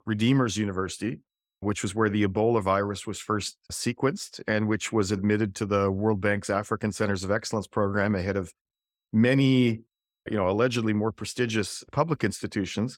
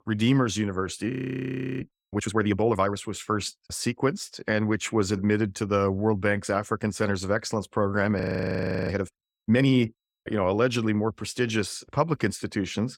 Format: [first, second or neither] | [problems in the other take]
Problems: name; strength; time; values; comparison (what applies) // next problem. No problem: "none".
first | audio freezing; at 1 s for 0.5 s and at 8 s for 0.5 s